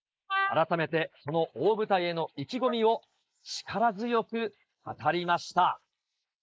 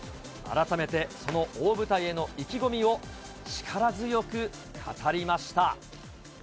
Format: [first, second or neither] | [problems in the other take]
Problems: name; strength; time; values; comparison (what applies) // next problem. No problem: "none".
second | noise reduction (neural mask model Resemble Enhance denoiser)